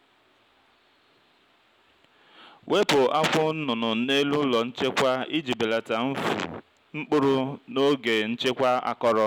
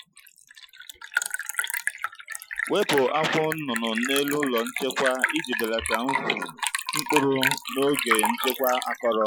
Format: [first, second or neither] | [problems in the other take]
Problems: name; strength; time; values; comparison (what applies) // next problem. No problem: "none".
first | noise reduction (classical method Wiener filter)